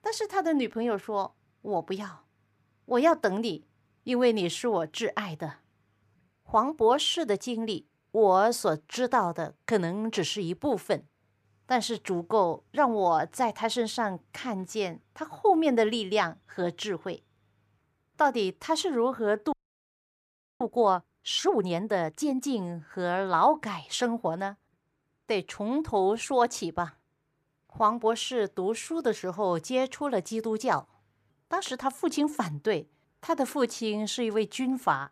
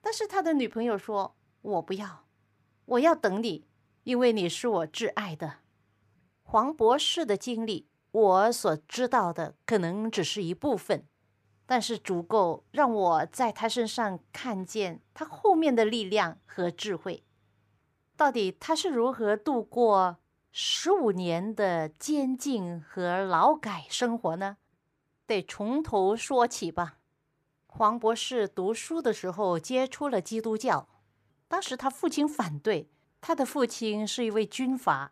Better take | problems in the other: second | audio freezing; at 20 s for 1 s

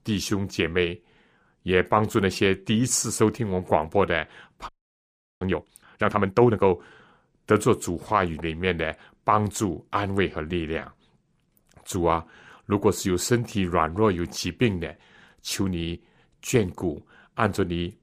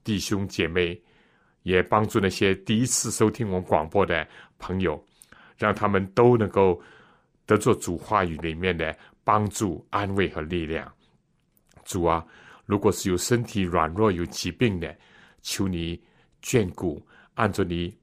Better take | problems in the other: second | audio freezing; at 4.5 s for 0.5 s

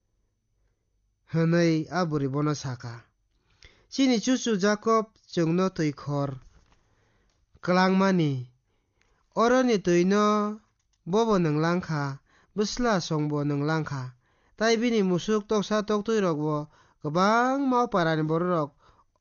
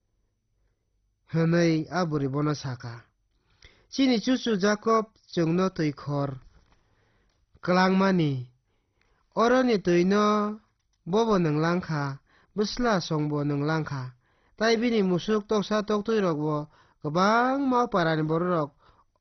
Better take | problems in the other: first | garbled, watery; badly; nothing above 6 kHz; slightly in the first

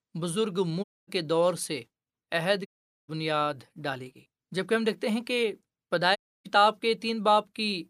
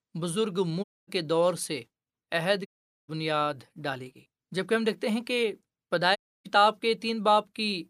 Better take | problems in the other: neither | audio cutting out; at 1 s, at 2.5 s and at 6 s; the same in both

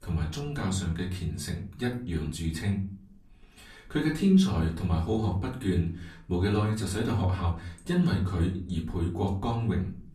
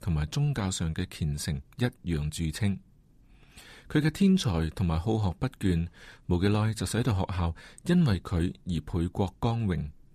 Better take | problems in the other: second | off-mic speech; far // room echo; slight; dies away in 0.4 s

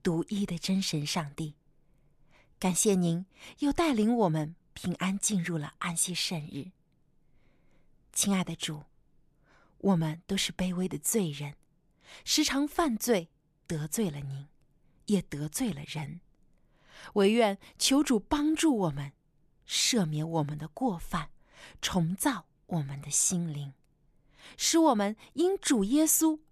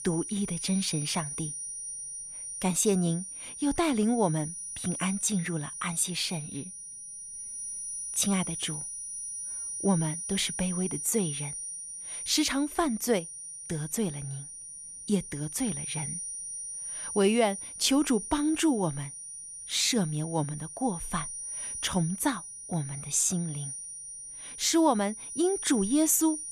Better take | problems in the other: first | high-pitched whine; loud; throughout; 9.5 kHz, 7 dB below the speech

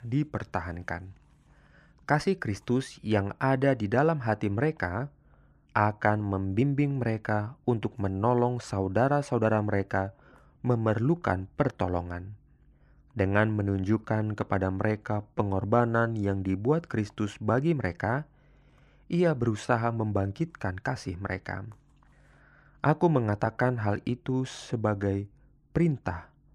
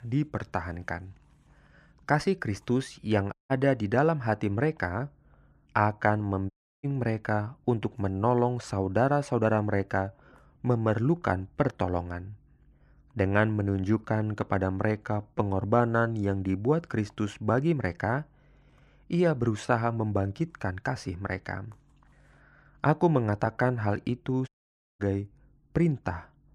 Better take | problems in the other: first | audio cutting out; at 3.5 s, at 6.5 s and at 24 s for 0.5 s

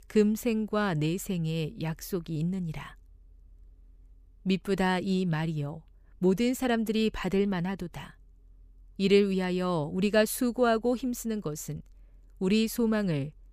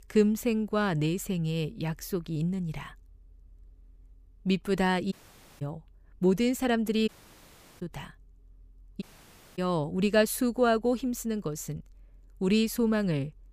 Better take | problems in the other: first | audio cutting out; at 5 s, at 7 s for 0.5 s and at 9 s for 0.5 s

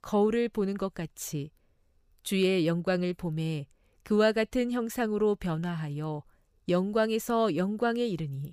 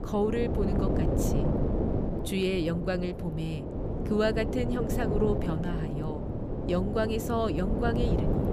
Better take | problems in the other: first | wind noise on the microphone; heavy; 3 dB below the speech

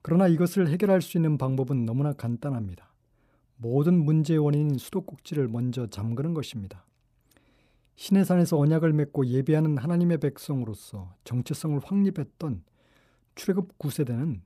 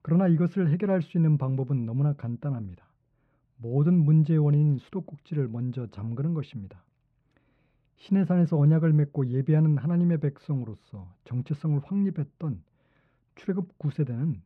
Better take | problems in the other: first | muffled; slightly; fading above 2 kHz

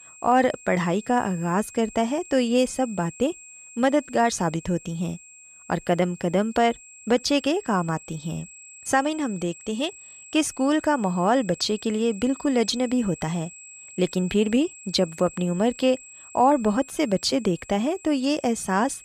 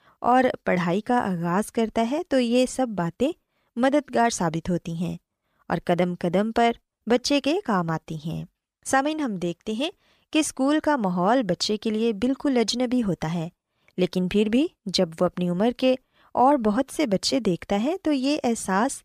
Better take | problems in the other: second | high-pitched whine; noticeable; throughout; 7.5 kHz, 20 dB below the speech

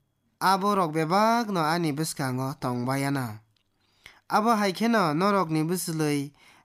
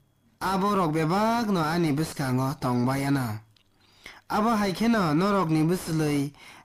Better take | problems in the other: first | distortion; heavy; 6 dB below the speech

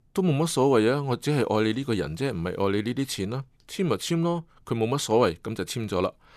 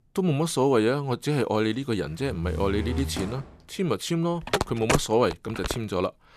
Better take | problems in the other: first | door banging; noticeable; from 2 to 3.5 s; peak 5 dB below the speech // phone ringing; loud; from 4.5 to 5.5 s; peak level with the speech

